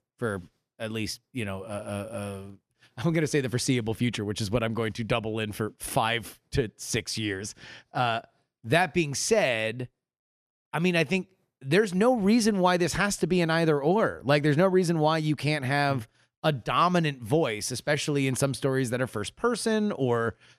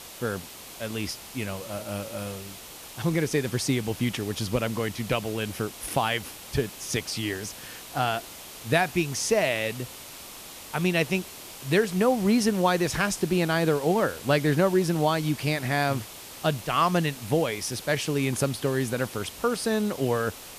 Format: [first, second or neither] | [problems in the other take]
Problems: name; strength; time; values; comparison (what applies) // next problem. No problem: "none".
first | hiss; noticeable; throughout; 15 dB below the speech